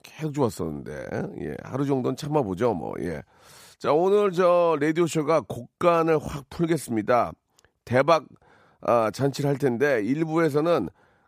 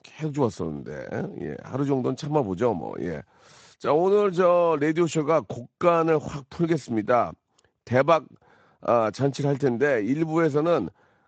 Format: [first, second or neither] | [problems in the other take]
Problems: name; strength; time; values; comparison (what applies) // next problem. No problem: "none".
first | garbled, watery; slightly; nothing above 7.5 kHz